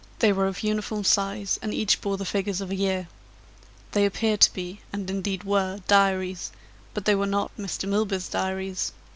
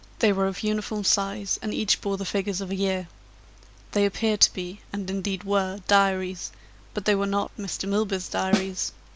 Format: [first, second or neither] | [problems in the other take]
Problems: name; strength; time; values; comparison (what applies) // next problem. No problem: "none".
first | background sound (Snare drum); as loud as the speech